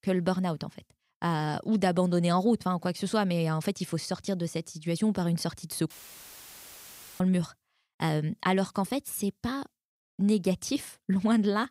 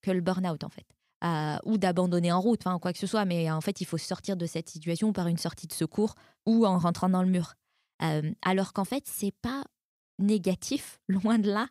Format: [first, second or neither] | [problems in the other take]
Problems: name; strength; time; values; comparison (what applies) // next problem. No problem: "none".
second | audio cutting out; filled with static; at 6 s for 1.5 s